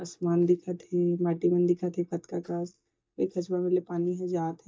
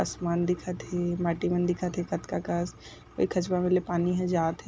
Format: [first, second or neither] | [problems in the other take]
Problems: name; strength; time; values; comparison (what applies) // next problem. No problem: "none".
second | noise reduction (neural mask model DeepFilterNet 3)